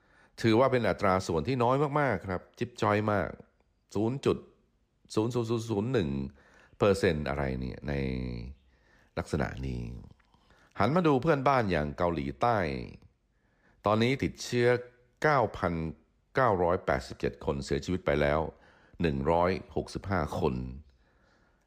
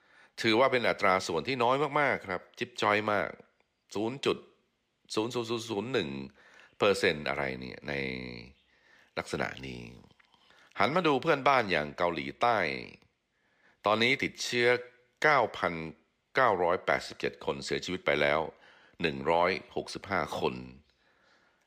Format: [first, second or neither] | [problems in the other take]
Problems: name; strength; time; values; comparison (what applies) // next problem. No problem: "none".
first | thin; very slightly; fading below 400 Hz